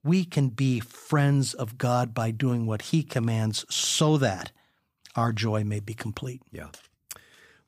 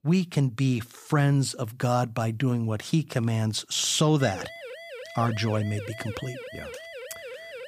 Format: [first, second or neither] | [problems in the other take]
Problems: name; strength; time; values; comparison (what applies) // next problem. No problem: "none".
first | siren; faint; from 4 s on; peak 15 dB below the speech